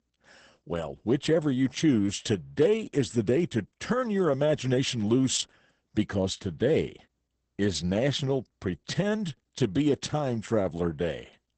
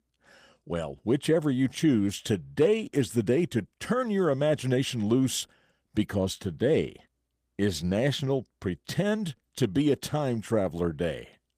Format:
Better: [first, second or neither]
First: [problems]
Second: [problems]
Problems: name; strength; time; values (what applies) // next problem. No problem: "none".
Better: second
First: garbled, watery; badly; nothing above 8 kHz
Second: garbled, watery; slightly; nothing above 15 kHz